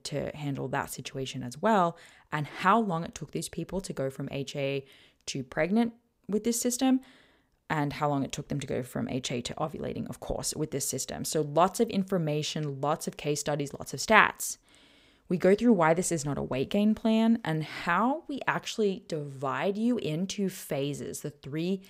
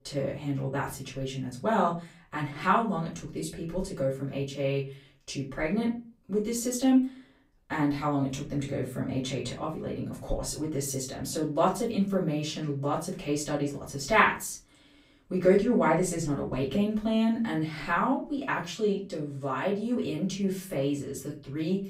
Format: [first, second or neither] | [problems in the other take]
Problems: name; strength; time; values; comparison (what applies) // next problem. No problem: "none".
first | off-mic speech; far // room echo; slight; dies away in 0.3 s